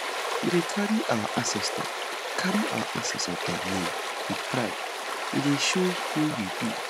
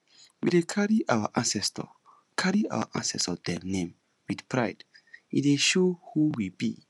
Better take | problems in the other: second | background sound (Stream); 1 dB below the speech

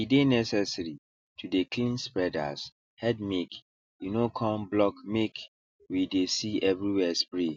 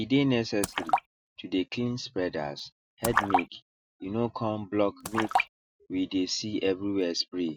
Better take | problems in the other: first | noise reduction (neural mask model RNNoise)

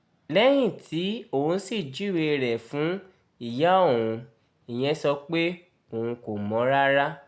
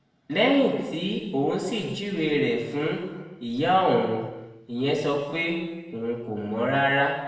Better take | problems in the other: first | room echo; dies away in 1.1 s

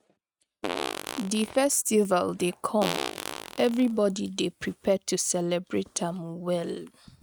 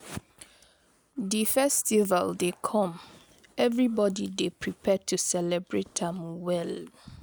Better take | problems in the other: second | noise reduction (neural mask model RNNoise)

